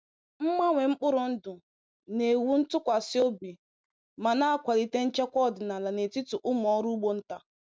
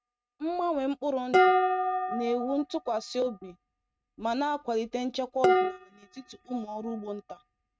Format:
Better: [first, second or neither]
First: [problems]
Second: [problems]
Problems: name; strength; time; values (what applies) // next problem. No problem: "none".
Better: first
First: none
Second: noise reduction (neural mask model RNNoise)